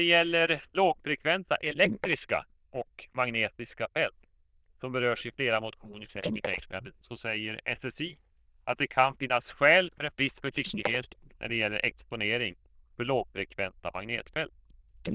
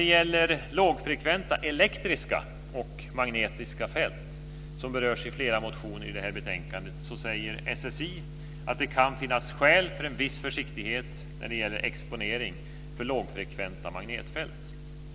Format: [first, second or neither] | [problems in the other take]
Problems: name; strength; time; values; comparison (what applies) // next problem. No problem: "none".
second | noise reduction (neural diffusion model UNIVERSE++)